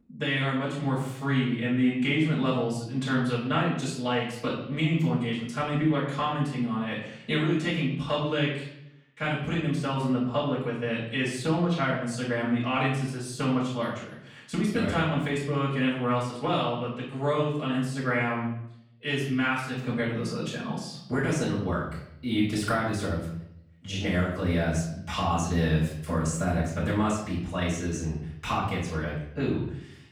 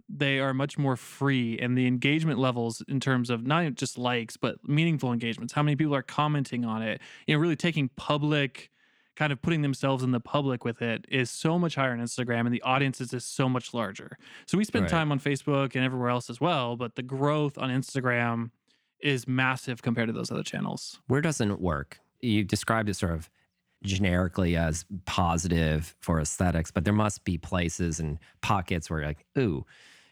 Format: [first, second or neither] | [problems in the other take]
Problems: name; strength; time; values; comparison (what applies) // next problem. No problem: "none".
second | off-mic speech; far // room echo; noticeable; dies away in 0.7 s